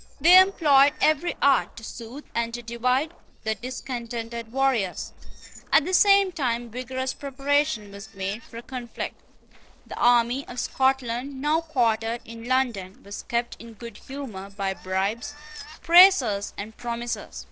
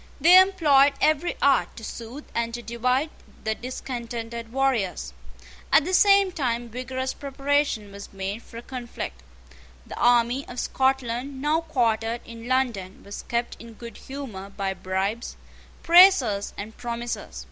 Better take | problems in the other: second | noise reduction (neural separator model SepFormer DNS4)

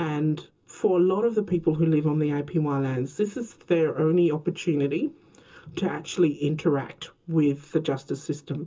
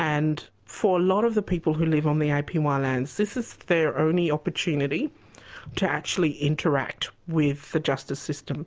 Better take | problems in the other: second | room echo; dies away in 0.2 s

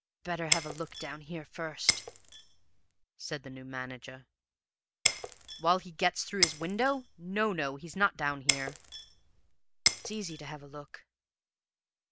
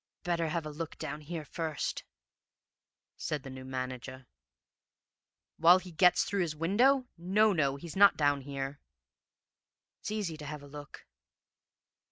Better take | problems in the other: second | background sound (Shatter); 1 dB above the speech

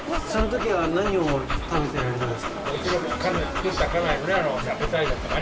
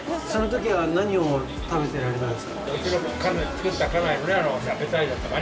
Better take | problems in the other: second | background sound (Dog); 6 dB below the speech

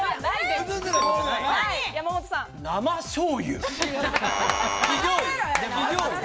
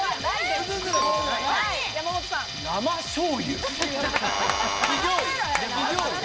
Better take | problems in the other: first | background sound (Tools); 8 dB below the speech

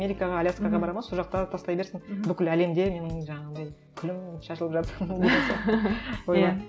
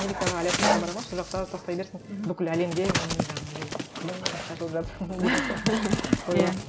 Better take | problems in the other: first | background sound (Dog); 2 dB below the speech

